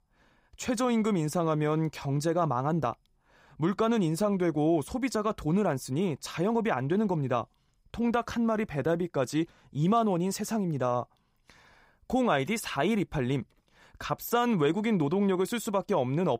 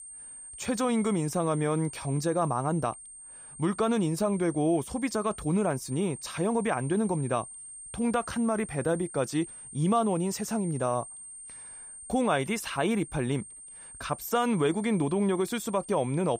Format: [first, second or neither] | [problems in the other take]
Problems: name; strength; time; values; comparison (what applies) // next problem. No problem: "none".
first | high-pitched whine; noticeable; throughout; 8.5 kHz, 15 dB below the speech